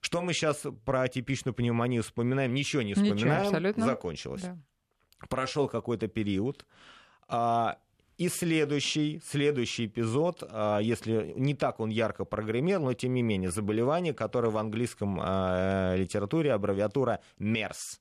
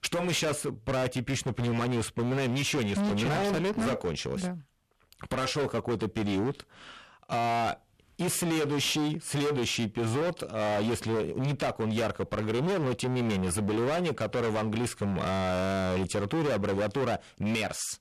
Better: first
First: none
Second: distortion; heavy; 29% of the sound clipped

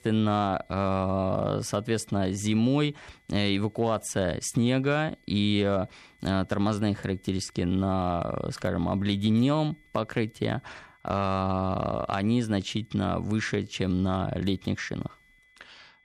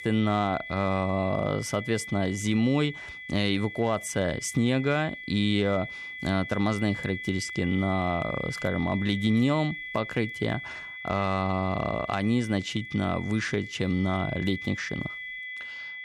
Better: first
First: high-pitched whine; faint; throughout; 2 kHz, 35 dB below the speech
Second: high-pitched whine; loud; throughout; 2 kHz, 9 dB below the speech

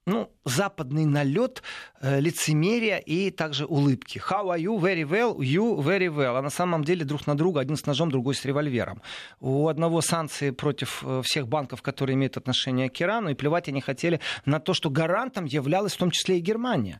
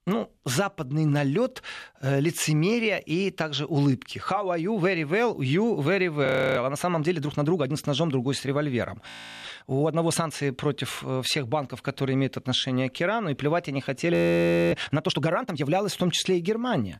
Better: first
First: none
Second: audio freezing; at 6.5 s, at 9 s and at 14 s for 0.5 s

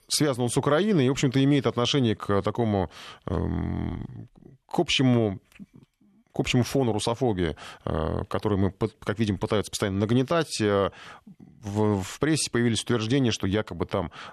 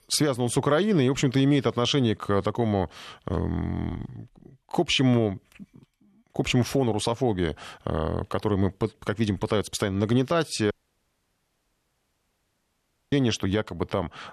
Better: first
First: none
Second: audio cutting out; at 11 s for 2.5 s

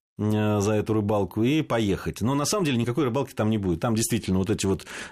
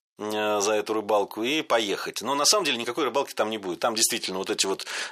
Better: first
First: none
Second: thin; very; fading below 600 Hz

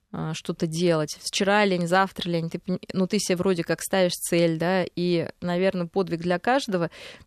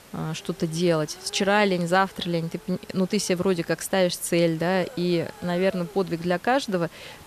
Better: first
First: none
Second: hiss; faint; throughout; 20 dB below the speech

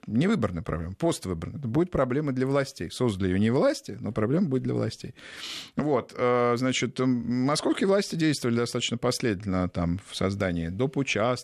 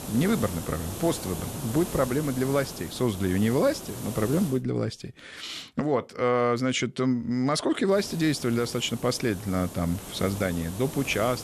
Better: first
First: none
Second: hiss; noticeable; until 4.5 s and from 8 s on; 10 dB below the speech

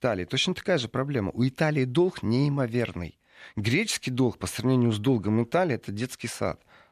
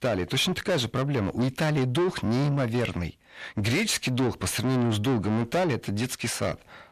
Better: first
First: none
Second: distortion; heavy; 7 dB below the speech

